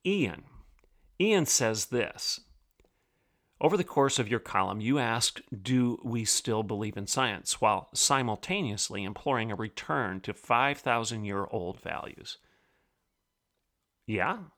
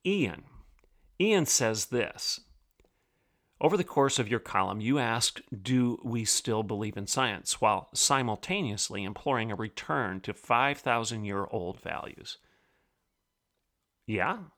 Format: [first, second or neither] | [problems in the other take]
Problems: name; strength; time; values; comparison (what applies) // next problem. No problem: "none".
neither | none